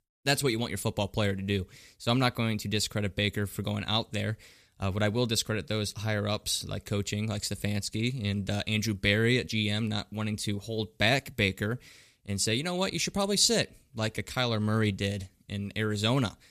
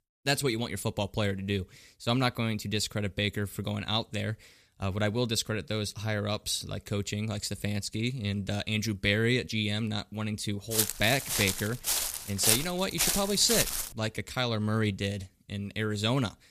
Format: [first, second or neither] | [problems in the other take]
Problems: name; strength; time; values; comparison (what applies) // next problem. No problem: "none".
first | footsteps; loud; from 11 to 14 s; peak 5 dB above the speech